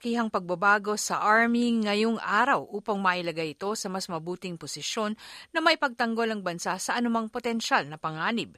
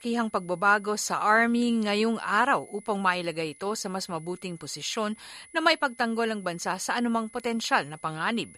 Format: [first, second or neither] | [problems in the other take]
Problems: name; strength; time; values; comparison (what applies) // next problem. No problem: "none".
first | high-pitched whine; faint; throughout; 10 kHz, 25 dB below the speech